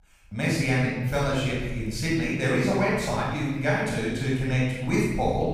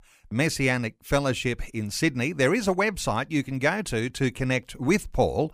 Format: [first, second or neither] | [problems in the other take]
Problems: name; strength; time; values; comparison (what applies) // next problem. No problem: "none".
second | off-mic speech; far // room echo; strong; dies away in 1.3 s